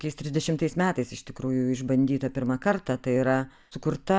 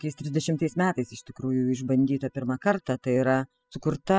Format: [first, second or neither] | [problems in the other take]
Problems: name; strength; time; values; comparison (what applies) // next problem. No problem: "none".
first | noise reduction (classical method spectral subtraction)